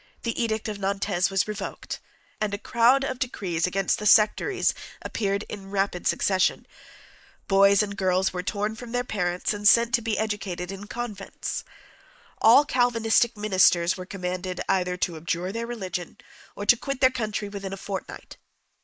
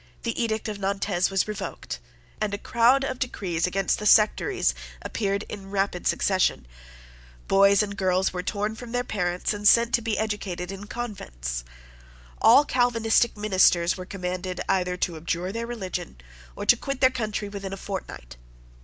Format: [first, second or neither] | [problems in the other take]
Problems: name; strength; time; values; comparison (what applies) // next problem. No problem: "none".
second | noise reduction (neural mask model Resemble Enhance denoiser)